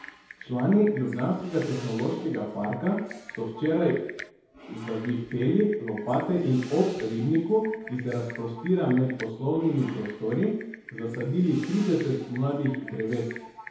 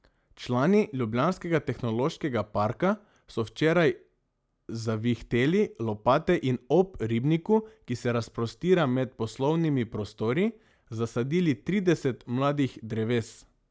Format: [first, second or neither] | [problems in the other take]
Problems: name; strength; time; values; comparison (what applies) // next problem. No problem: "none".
second | background sound (Typing); 17 dB below the speech // room echo; dies away in 1.9 s